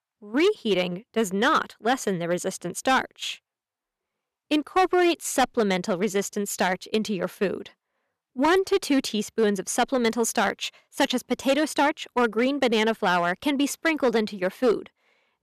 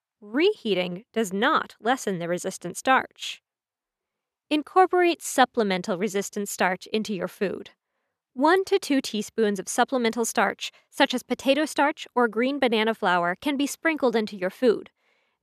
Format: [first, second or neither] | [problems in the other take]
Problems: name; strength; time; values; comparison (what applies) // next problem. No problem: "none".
second | distortion; slight; 5% of the sound clipped